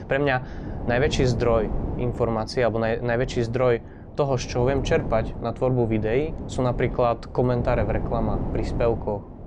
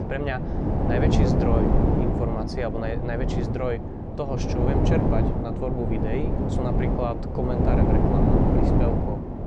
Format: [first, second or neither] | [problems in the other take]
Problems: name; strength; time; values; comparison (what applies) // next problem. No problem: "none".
first | wind noise on the microphone; heavy; 2 dB above the speech; occasional gusts in the first